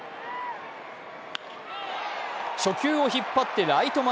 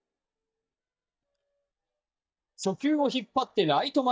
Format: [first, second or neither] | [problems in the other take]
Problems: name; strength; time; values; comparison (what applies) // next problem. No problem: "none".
first | noise reduction (neural mask model DeepFilterNet 3)